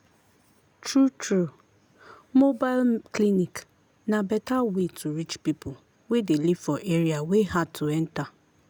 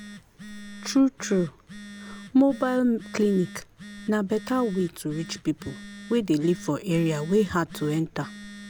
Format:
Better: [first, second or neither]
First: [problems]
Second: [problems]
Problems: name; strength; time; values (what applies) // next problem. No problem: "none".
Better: first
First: none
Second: background sound (Telephone); 16 dB below the speech